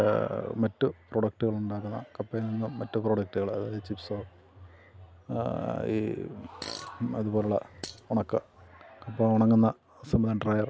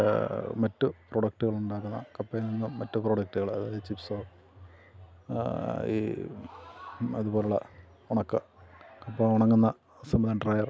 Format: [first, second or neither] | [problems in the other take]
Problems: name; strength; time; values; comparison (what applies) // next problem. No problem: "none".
second | background sound (Fart); 17 dB below the speech